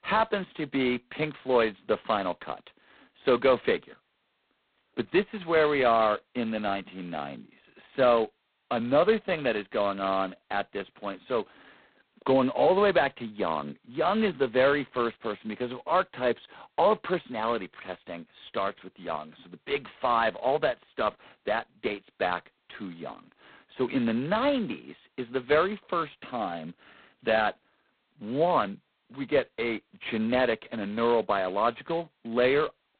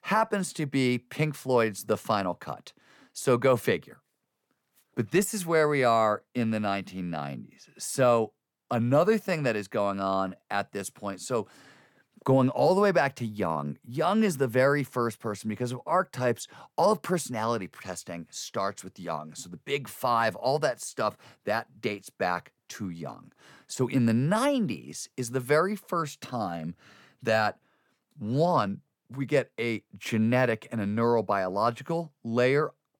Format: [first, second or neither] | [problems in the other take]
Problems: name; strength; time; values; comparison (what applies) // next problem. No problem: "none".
second | phone-call audio; poor line; nothing above 4 kHz